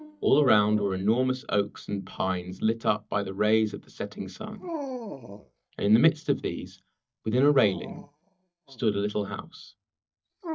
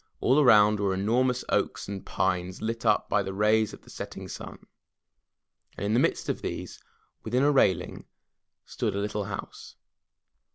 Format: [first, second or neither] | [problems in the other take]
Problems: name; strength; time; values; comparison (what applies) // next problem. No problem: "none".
second | noise reduction (neural mask model DeepFilterNet 3)